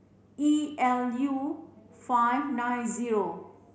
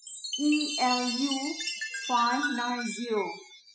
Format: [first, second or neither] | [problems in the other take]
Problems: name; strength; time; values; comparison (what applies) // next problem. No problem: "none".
first | noise reduction (classical method spectral subtraction)